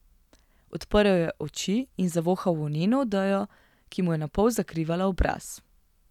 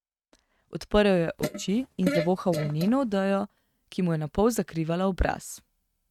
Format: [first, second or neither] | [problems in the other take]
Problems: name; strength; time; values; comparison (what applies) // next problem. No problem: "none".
first | noise reduction (neural mask model RNNoise)